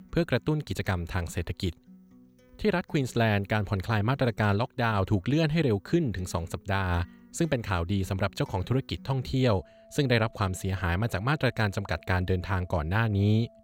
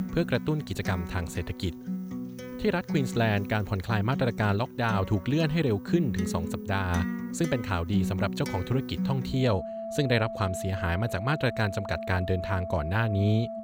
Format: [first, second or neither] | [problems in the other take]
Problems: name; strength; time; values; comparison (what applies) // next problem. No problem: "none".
first | background music; loud; throughout; 7 dB below the speech; faint in the first